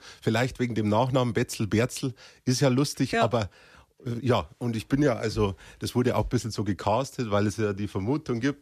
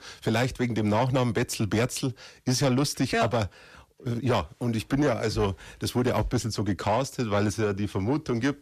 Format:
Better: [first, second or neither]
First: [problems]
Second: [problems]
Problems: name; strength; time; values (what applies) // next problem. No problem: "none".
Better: first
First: none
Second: distortion; slight; 10 dB below the speech